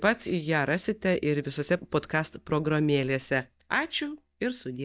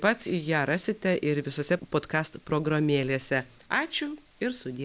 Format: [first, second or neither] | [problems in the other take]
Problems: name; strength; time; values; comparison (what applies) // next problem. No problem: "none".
second | noise reduction (neural mask model DeepFilterNet 3)